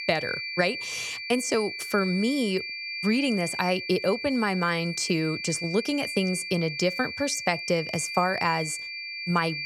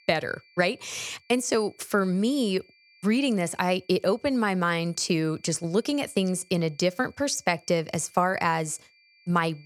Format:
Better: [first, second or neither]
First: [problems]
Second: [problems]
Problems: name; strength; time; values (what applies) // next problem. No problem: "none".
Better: second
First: high-pitched whine; loud; throughout; 2.5 kHz, 5 dB below the speech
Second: high-pitched whine; faint; throughout; 2.5 kHz, 30 dB below the speech